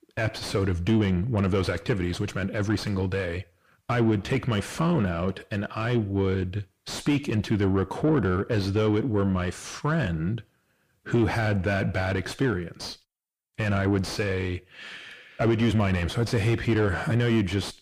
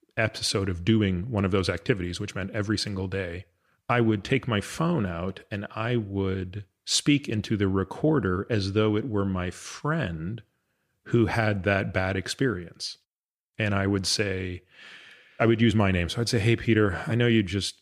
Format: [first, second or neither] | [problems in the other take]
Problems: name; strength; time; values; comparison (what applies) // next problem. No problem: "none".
second | distortion; heavy; 8 dB below the speech